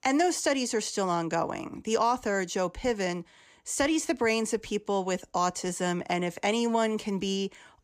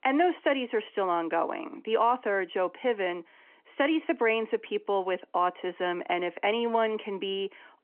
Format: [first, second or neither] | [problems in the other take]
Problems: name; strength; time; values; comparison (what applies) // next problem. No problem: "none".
first | phone-call audio; nothing above 3 kHz